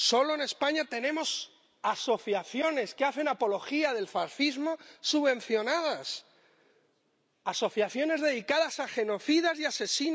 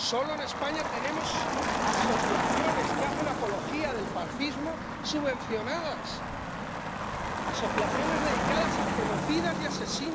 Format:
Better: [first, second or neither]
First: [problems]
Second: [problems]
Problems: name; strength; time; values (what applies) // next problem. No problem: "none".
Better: first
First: none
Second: background sound (Motor vehicle (road)); 3 dB above the speech